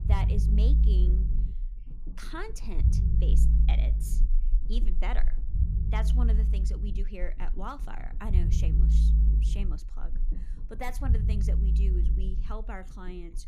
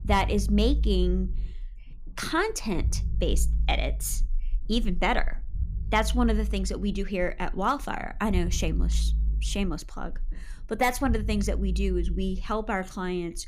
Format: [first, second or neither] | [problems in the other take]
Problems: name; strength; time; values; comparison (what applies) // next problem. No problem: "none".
second | low rumble; loud; throughout; 3 dB below the speech; faint in the second